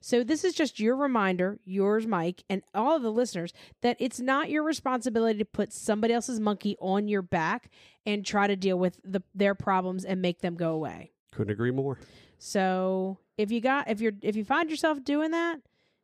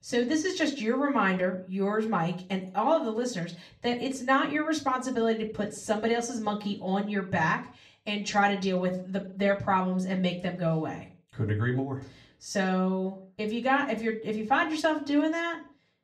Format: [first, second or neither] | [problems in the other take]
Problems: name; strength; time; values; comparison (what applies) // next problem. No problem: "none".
first | room echo; very slight; dies away in 0.3 s // off-mic speech; far